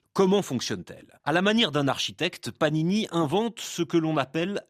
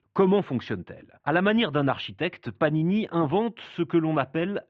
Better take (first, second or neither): first